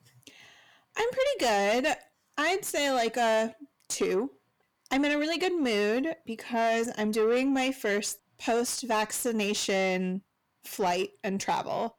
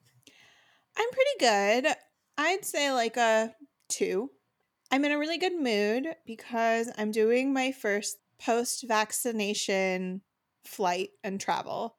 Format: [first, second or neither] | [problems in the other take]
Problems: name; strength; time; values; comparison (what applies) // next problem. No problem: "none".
second | distortion; slight; 10 dB below the speech